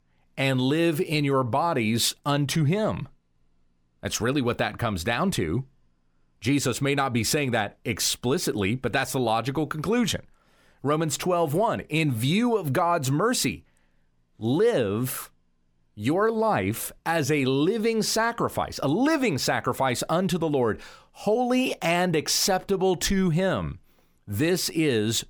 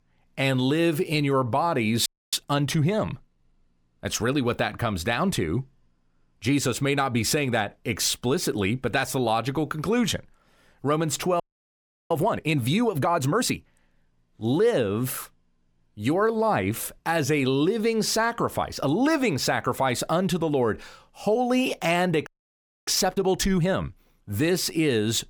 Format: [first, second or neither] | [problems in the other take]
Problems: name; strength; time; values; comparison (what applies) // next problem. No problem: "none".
first | audio freezing; at 2 s, at 11 s for 0.5 s and at 22 s for 0.5 s